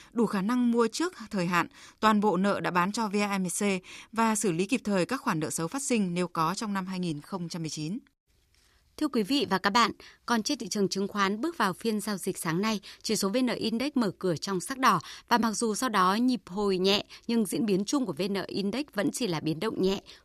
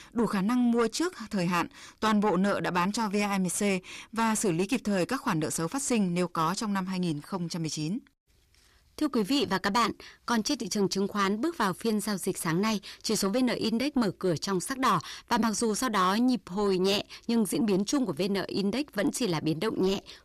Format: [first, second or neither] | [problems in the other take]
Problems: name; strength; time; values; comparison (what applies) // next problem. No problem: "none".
first | distortion; slight; 10 dB below the speech